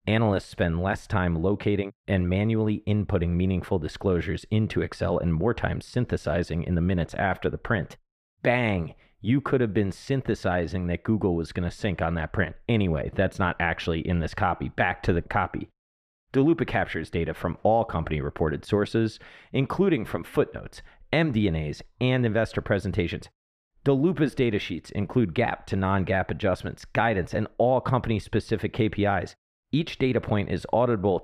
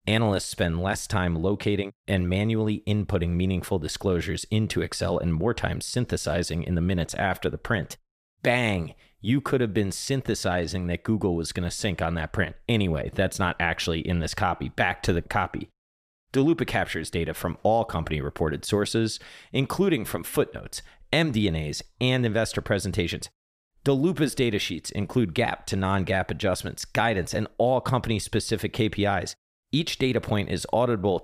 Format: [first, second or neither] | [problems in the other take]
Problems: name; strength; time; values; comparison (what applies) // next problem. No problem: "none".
second | muffled; slightly; fading above 4 kHz